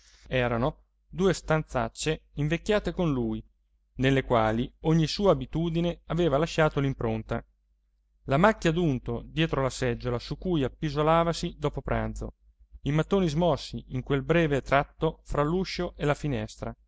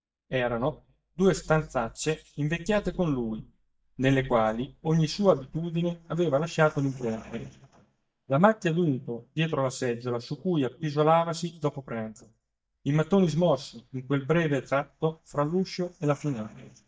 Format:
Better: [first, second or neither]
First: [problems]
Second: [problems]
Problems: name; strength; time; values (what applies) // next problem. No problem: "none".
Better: first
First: none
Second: noise reduction (neural mask model DeepFilterNet 3)